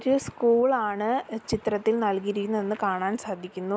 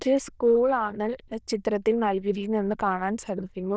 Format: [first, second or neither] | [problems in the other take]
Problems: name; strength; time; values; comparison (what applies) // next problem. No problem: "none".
first | noise reduction (neural diffusion model UNIVERSE++)